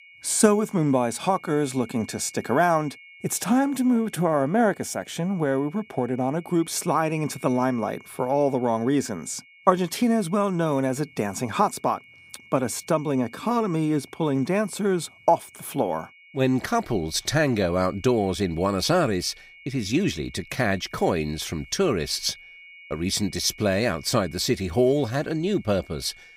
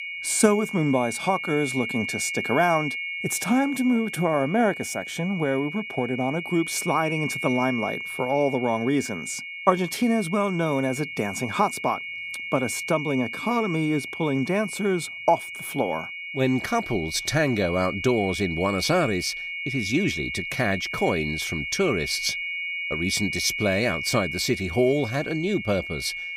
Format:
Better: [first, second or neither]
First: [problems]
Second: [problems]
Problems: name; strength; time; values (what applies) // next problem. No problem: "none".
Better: first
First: high-pitched whine; faint; throughout; 2 kHz, 25 dB below the speech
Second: high-pitched whine; loud; throughout; 2 kHz, 6 dB below the speech